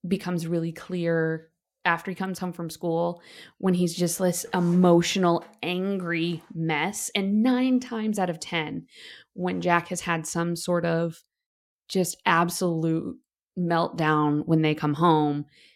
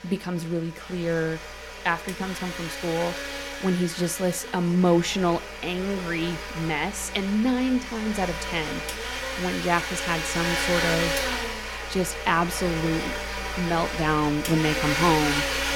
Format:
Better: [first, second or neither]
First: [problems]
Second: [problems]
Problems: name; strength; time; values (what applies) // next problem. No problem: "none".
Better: first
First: none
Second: household noises; loud; throughout; 3 dB below the speech